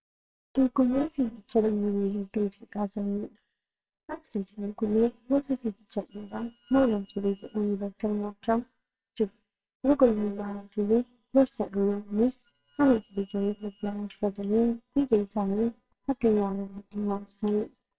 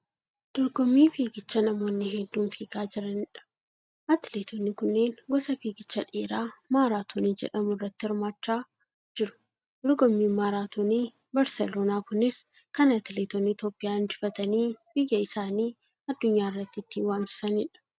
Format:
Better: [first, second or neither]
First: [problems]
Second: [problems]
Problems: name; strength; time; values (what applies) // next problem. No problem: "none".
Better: second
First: noise reduction (neural separator model SepFormer WHAMR!)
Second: none